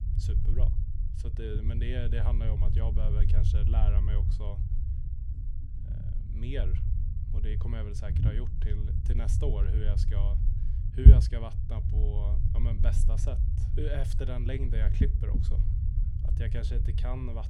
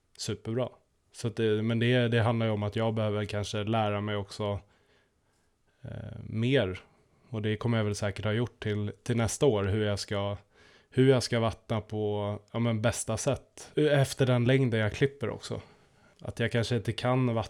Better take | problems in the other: second | low rumble; loud; throughout; 2 dB below the speech

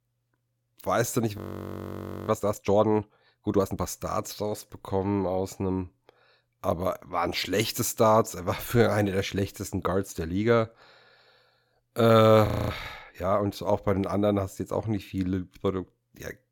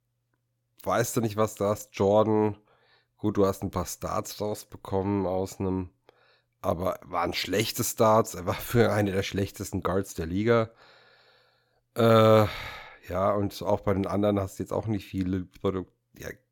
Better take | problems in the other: second | audio freezing; at 1.5 s for 1 s and at 12 s

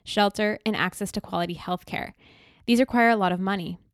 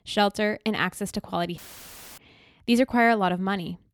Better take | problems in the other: first | audio cutting out; filled with static; at 1.5 s for 0.5 s

